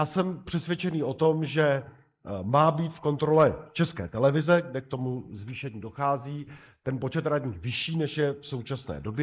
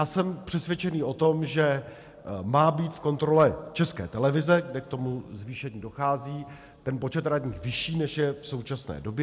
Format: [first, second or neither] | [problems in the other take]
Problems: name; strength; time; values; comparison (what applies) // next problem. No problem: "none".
second | noise reduction (neural mask model Resemble Enhance denoiser)